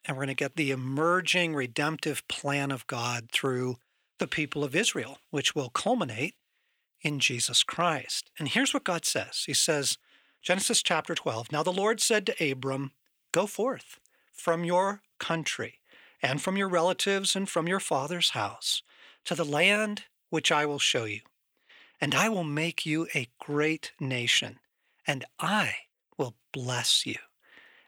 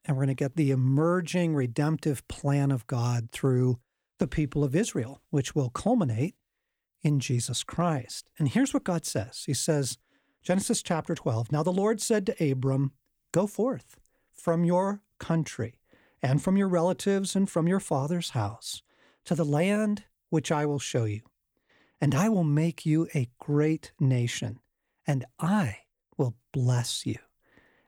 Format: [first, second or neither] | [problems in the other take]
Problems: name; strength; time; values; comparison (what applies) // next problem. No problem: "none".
second | thin; somewhat; fading below 700 Hz